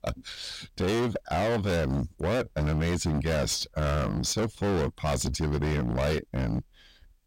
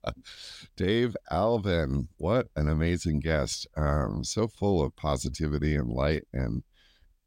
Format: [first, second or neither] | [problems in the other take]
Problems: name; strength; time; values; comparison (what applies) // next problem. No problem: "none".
second | distortion; heavy; 27% of the sound clipped